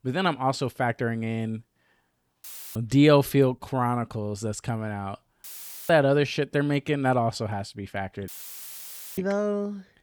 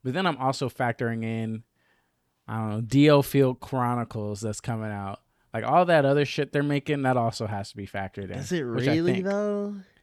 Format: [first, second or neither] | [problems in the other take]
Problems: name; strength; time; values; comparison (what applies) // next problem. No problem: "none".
second | audio cutting out; filled with static; at 2.5 s, at 5.5 s and at 8.5 s for 1 s